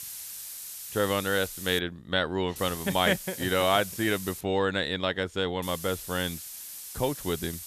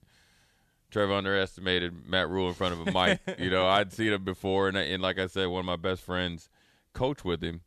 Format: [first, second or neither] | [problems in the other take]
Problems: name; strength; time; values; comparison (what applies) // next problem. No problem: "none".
second | hiss; loud; until 2 s, from 2.5 to 4.5 s and from 5.5 s on; 10 dB below the speech